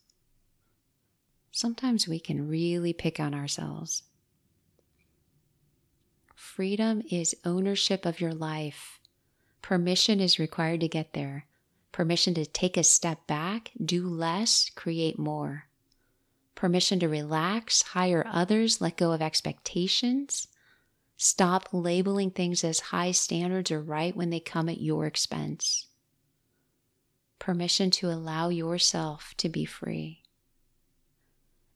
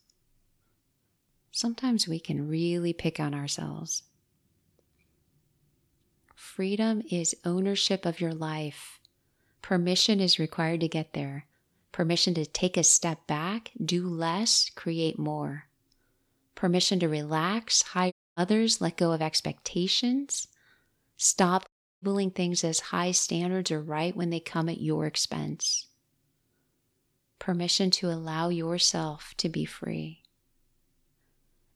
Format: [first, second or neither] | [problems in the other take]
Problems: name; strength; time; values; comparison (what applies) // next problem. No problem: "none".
first | audio cutting out; at 18 s and at 22 s